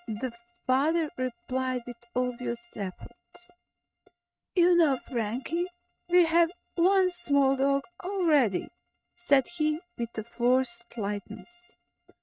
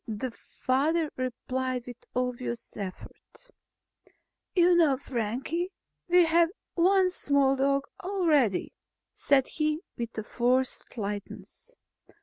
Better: second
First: noise reduction (neural mask model RNNoise)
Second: none

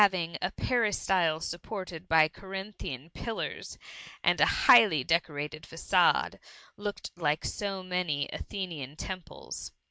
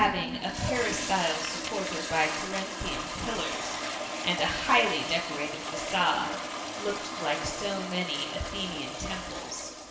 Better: first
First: none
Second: background sound (Toilet flush); 4 dB below the speech // room echo; dies away in 1.1 s

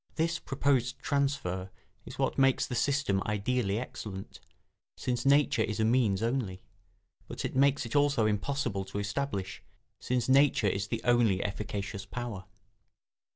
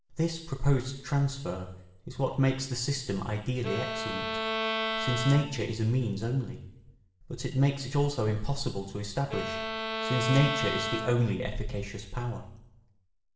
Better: first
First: none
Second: background sound (Bowed string instrument); 5 dB below the speech // room echo; dies away in 0.8 s

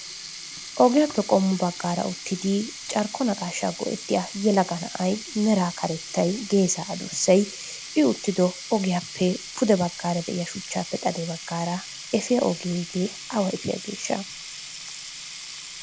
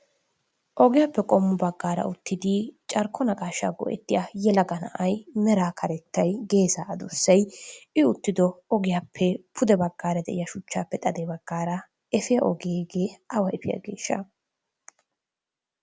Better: second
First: background sound (Sink (filling or washing)); 12 dB below the speech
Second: none

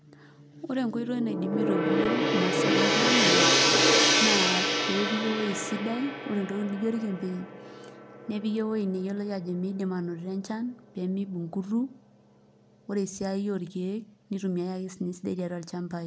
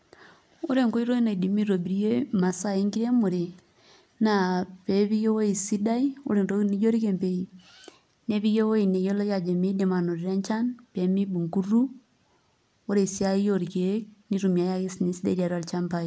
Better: second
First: background sound (Gong); 2 dB above the speech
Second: none

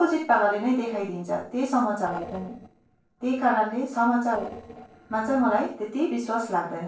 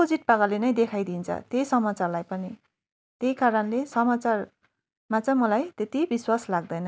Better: second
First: noise reduction (neural separator model SepFormer DNS4)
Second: none

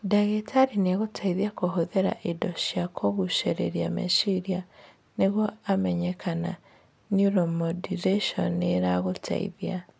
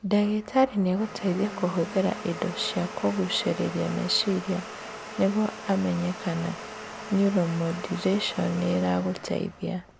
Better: first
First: none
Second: background sound (Domestic sounds, home sounds); 12 dB below the speech

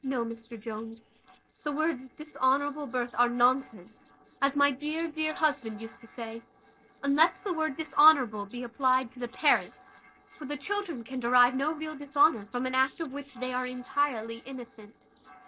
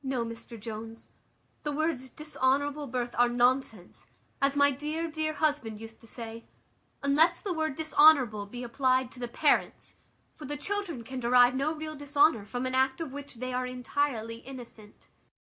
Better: second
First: noise reduction (neural separator model SepFormer DNS4)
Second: none

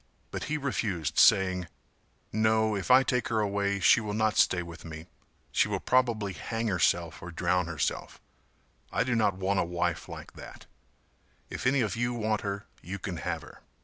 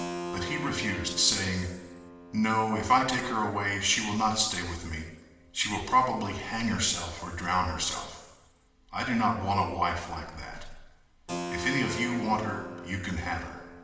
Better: first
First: none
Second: background sound (Keyboard (musical)); 12 dB below the speech // room echo; dies away in 1.1 s

